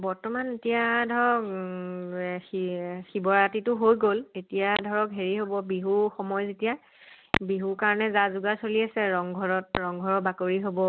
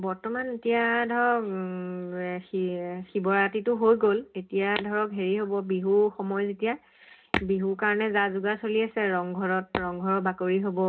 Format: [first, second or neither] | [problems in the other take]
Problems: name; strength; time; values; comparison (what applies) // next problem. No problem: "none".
first | room echo; dies away in 0.3 s